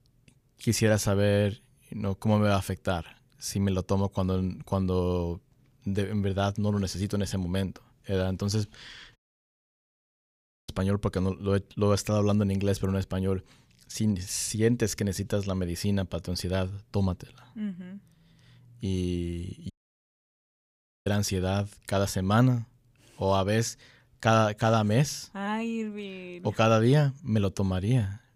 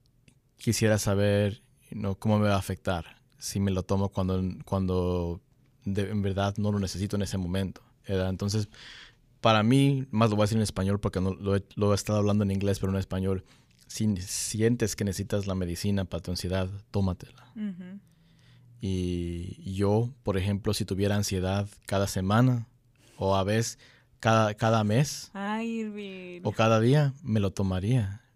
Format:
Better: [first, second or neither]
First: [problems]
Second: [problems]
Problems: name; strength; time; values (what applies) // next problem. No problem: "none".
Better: second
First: audio cutting out; at 9 s for 1.5 s and at 20 s for 1.5 s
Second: none